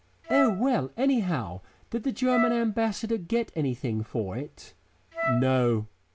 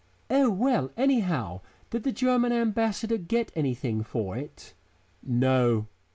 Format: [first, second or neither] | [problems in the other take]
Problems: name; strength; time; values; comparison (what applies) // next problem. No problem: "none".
second | background sound (Wind instrument, woodwind instrument); 6 dB below the speech